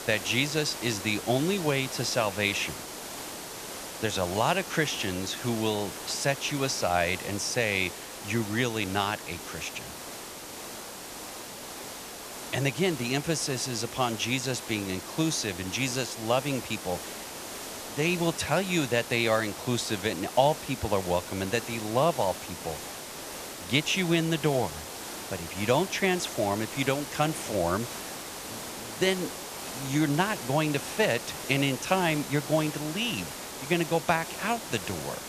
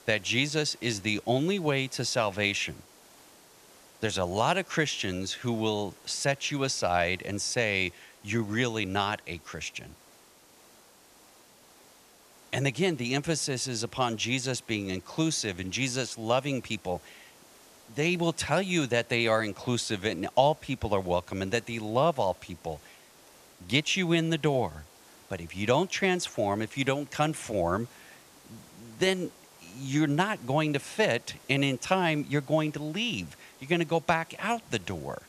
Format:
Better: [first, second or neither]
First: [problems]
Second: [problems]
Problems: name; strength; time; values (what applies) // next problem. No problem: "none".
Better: second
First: hiss; loud; throughout; 9 dB below the speech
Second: hiss; faint; throughout; 25 dB below the speech